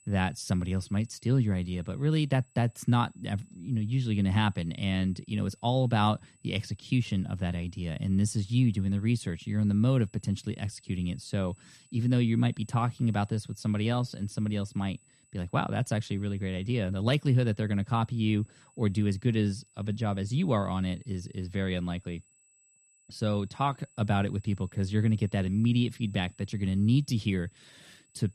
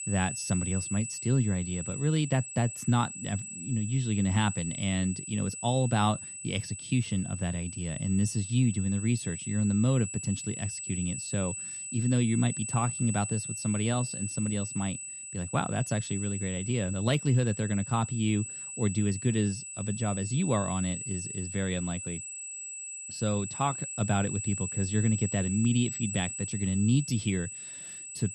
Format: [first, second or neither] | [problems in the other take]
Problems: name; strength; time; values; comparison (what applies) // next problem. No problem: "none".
first | high-pitched whine; loud; throughout; 8 kHz, 6 dB below the speech; faint in the first